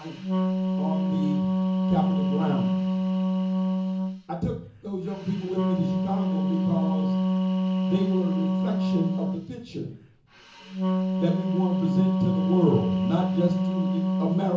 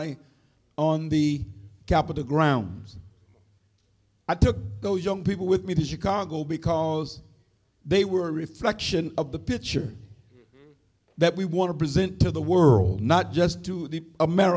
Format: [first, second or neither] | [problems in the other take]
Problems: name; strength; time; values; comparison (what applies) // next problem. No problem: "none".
second | background sound (Wind instrument, woodwind instrument); 5 dB above the speech // room echo; dies away in 0.7 s